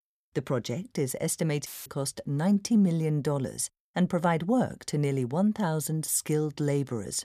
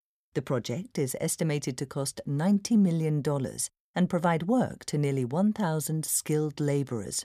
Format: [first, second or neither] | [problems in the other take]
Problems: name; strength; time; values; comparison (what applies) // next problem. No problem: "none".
second | audio cutting out; filled with static; at 1.5 s